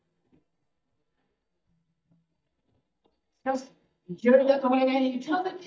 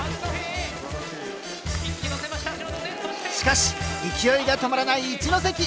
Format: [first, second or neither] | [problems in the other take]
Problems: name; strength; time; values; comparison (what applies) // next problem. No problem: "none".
second | noise reduction (neural mask model DeepFilterNet 3)